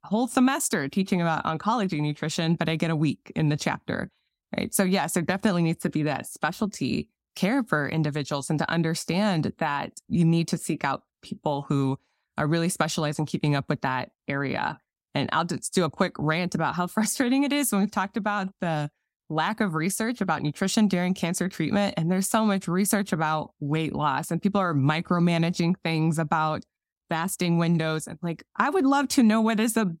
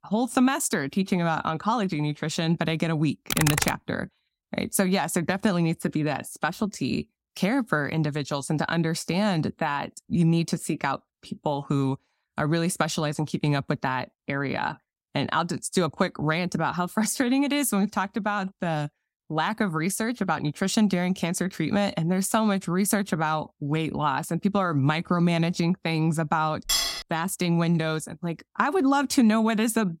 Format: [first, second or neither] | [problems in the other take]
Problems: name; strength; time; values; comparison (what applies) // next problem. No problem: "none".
first | keyboard typing; loud; at 3.5 s; peak 2 dB above the speech // clattering dishes; loud; at 27 s; peak 2 dB above the speech